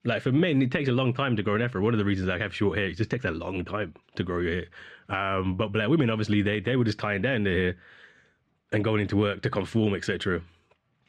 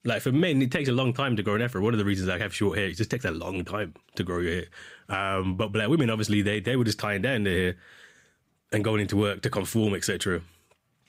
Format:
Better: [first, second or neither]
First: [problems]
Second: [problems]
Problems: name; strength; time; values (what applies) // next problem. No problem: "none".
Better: second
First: muffled; slightly; fading above 3.5 kHz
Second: none